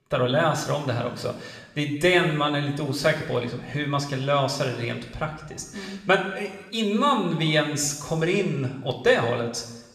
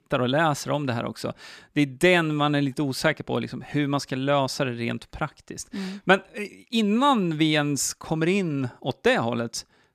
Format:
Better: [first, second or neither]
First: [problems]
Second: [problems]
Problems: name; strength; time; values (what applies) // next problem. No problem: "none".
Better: second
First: room echo; noticeable; dies away in 1 s // off-mic speech; somewhat distant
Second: none